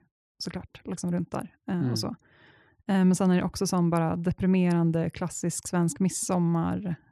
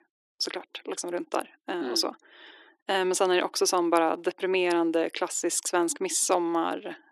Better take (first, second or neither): first